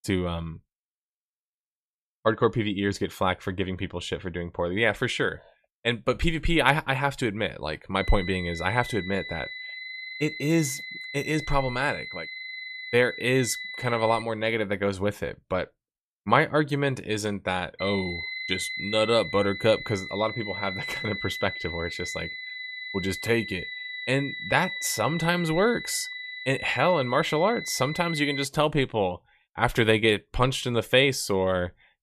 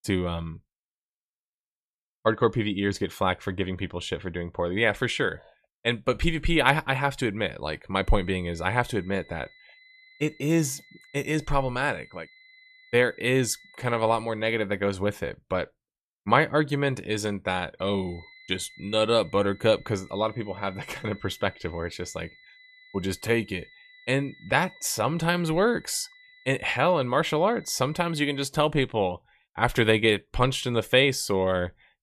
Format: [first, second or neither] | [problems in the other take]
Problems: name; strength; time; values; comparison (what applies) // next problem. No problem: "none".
second | high-pitched whine; loud; from 8 to 14 s and from 18 to 28 s; 2 kHz, 8 dB below the speech; faint in the second